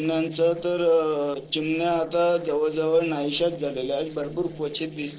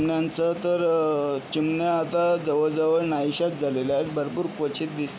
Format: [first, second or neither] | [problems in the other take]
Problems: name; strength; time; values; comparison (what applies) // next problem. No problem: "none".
second | noise reduction (neural separator model SepFormer DNS4)